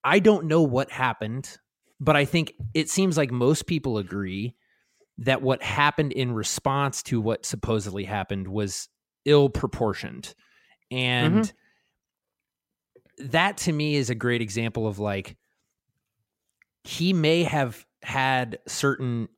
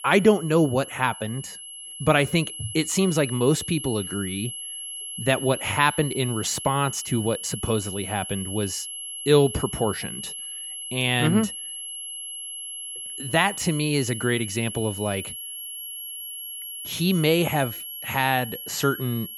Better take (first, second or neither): first